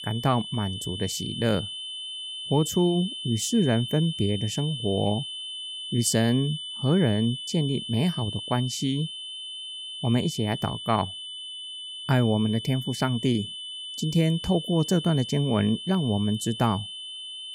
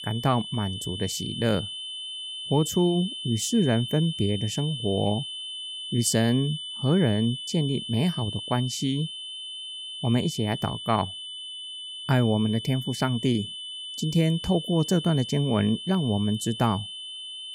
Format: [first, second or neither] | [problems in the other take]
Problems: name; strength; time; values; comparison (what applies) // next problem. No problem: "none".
neither | high-pitched whine; loud; throughout; 3 kHz, 8 dB below the speech; the same in both